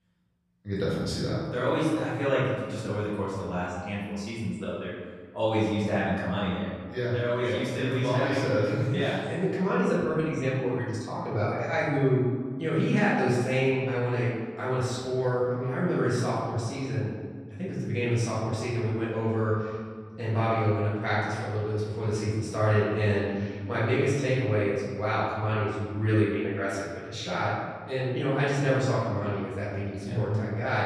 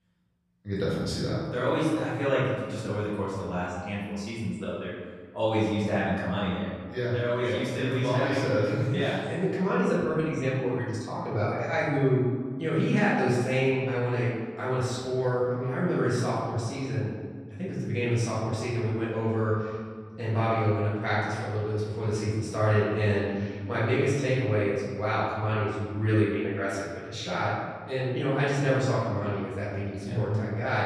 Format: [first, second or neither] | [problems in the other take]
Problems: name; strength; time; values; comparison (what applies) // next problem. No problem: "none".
neither | room echo; strong; dies away in 1.5 s; the same in both // off-mic speech; far; the same in both